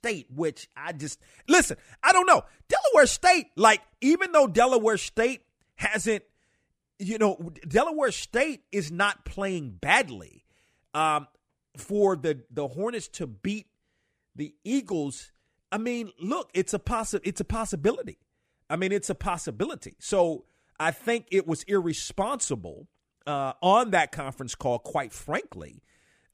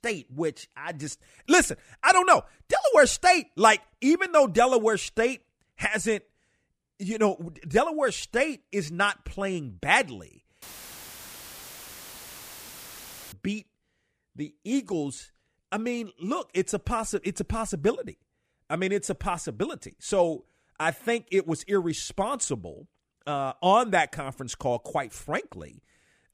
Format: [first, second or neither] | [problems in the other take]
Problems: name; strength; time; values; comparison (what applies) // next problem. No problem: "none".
first | audio cutting out; filled with static; at 11 s for 2.5 s